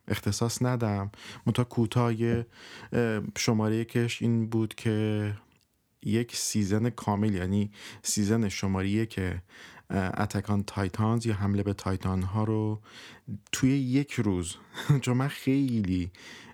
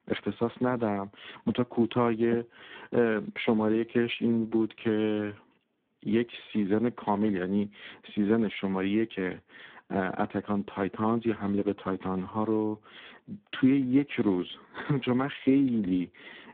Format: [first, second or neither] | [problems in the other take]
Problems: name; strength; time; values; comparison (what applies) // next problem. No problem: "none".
first | phone-call audio; poor line